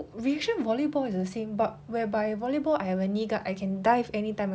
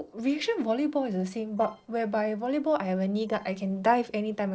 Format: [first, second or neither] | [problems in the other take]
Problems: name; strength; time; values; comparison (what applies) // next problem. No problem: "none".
first | noise reduction (neural separator model SepFormer DNS4)